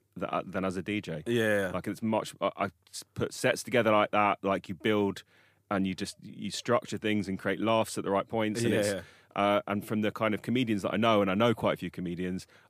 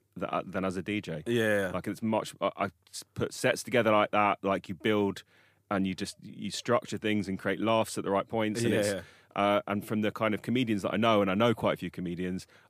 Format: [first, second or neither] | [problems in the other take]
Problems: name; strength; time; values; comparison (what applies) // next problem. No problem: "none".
neither | none